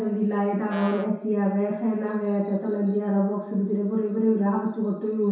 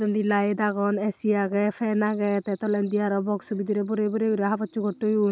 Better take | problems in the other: second | background sound (Brass instrument); 16 dB below the speech // room echo; dies away in 0.7 s

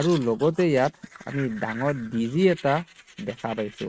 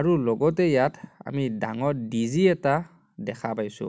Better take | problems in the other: second | noise reduction (neural mask model RNNoise)

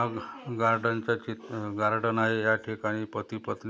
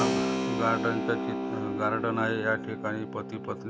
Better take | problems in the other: first | background sound (Keyboard (musical)); 1 dB below the speech

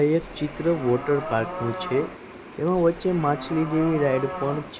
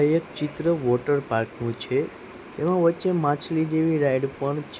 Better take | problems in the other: second | background sound (Livestock, farm animals, working animals); 10 dB below the speech

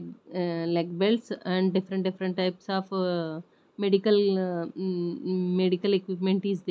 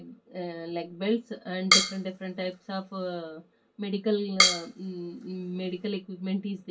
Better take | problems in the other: first | background sound (Drum kit); 4 dB above the speech // room echo; dies away in 0.1 s

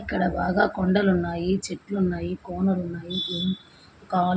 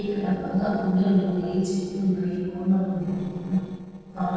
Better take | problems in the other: first | noise reduction (neural separator model SepFormer DNS4)

